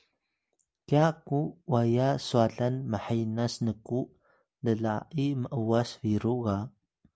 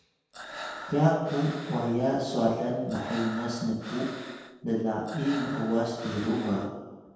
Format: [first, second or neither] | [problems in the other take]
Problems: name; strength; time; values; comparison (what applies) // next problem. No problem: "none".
first | background sound (Breathing); 13 dB below the speech // room echo; dies away in 1.1 s